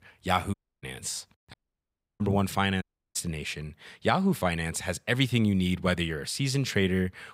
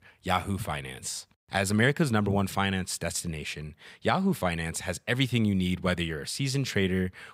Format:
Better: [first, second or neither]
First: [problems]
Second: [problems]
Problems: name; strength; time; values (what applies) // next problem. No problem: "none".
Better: second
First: audio cutting out; at 0.5 s, at 1.5 s for 0.5 s and at 3 s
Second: none